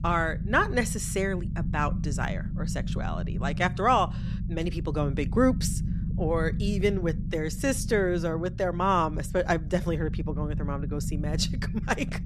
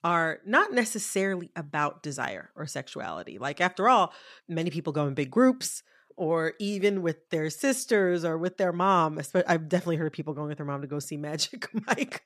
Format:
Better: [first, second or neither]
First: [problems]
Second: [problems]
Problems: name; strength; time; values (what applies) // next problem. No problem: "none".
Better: second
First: low rumble; noticeable; throughout; 15 dB below the speech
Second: none